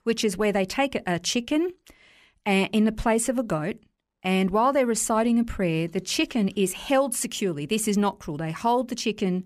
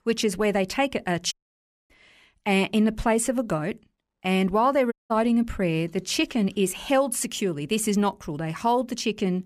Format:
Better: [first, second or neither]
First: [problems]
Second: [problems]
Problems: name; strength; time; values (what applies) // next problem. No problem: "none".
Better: first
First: none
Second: audio cutting out; at 1.5 s for 0.5 s and at 5 s